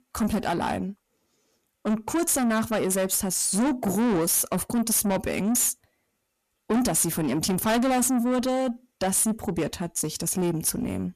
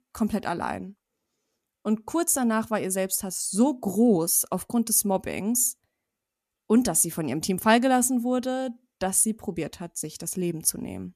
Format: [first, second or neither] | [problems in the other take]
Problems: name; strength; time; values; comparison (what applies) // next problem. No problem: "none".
second | distortion; heavy; 6 dB below the speech